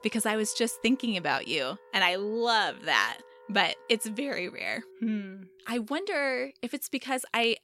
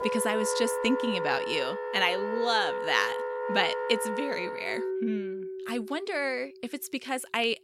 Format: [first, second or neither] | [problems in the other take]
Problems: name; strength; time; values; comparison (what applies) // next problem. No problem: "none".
first | background music; loud; throughout; 3 dB below the speech; faint in the first